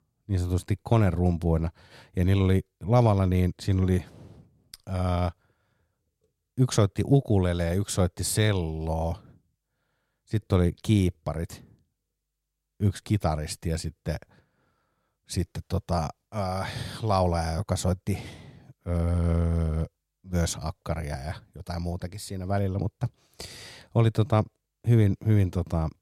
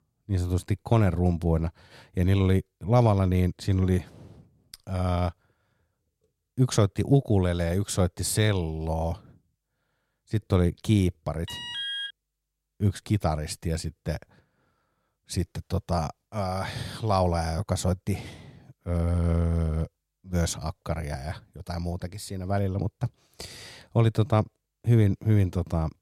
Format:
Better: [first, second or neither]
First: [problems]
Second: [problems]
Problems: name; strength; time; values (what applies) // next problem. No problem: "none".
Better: first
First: none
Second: alarm; noticeable; at 11 s; peak 3 dB below the speech